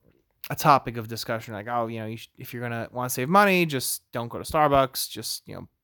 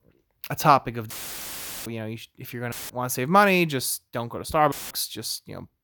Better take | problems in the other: first | audio cutting out; filled with static; at 1 s for 1 s, at 2.5 s and at 4.5 s

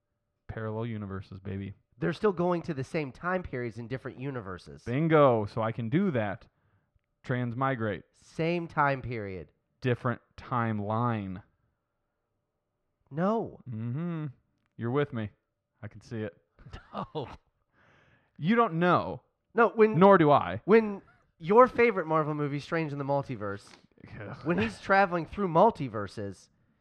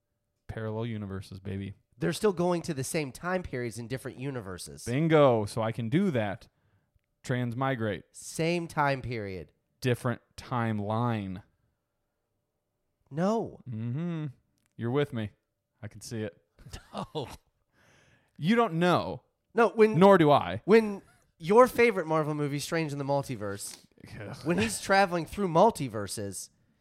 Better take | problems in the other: second | muffled; slightly; fading above 3 kHz

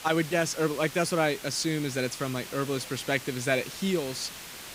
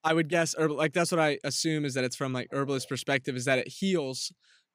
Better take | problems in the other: second | hiss; noticeable; throughout; 10 dB below the speech

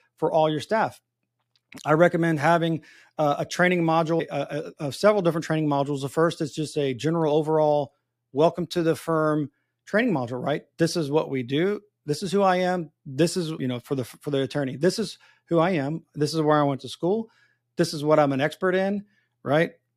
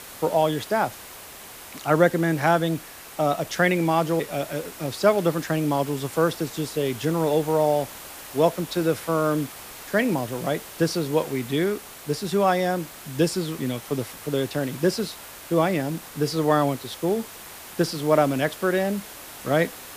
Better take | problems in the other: first | hiss; noticeable; throughout; 15 dB below the speech

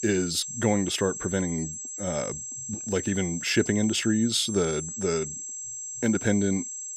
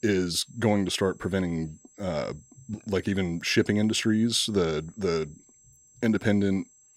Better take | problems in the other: second | high-pitched whine; loud; throughout; 7.5 kHz, 7 dB below the speech; faint in the second

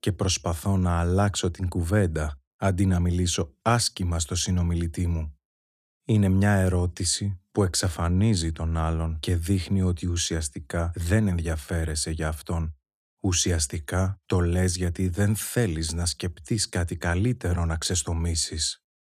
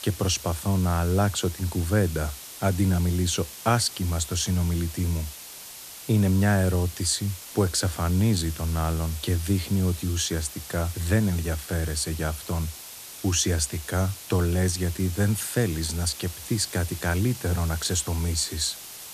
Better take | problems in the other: first | hiss; noticeable; throughout; 10 dB below the speech

